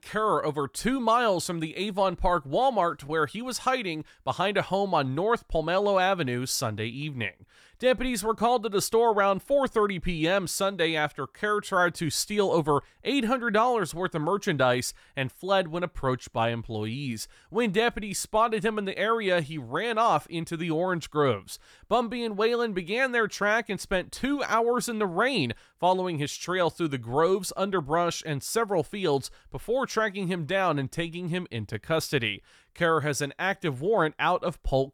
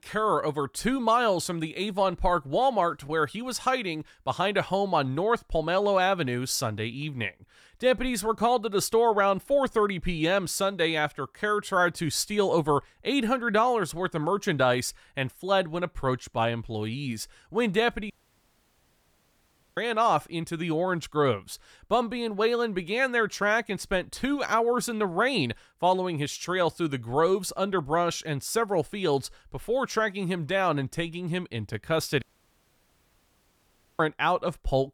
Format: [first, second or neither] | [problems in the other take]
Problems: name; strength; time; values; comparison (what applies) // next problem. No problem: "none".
first | audio cutting out; at 18 s for 1.5 s and at 32 s for 2 s